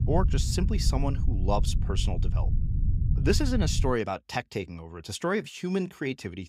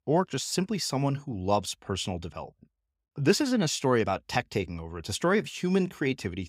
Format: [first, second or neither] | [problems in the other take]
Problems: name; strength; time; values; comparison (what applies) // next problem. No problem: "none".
second | low rumble; noticeable; until 4 s; 10 dB below the speech